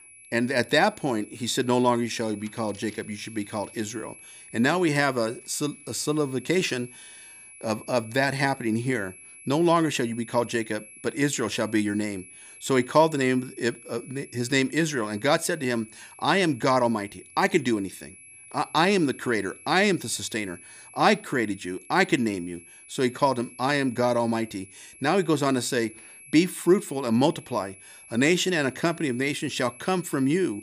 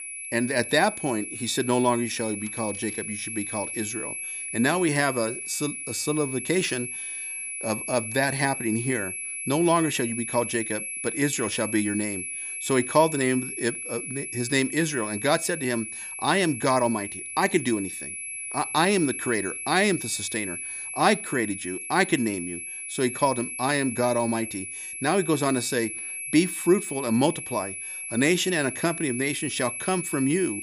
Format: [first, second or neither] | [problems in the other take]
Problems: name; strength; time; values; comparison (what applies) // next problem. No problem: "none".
first | high-pitched whine; loud; throughout; 11 kHz, 6 dB below the speech; faint in the first